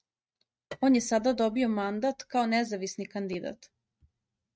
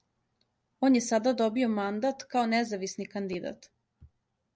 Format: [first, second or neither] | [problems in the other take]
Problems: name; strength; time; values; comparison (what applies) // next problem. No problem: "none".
second | noise reduction (neural mask model RNNoise)